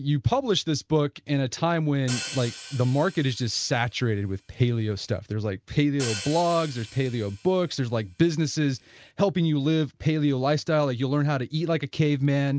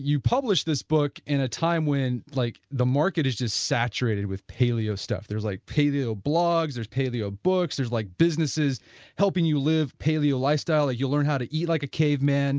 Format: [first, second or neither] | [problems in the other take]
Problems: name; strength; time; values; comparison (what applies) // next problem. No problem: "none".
second | background sound (Hi-hat); 16 dB below the speech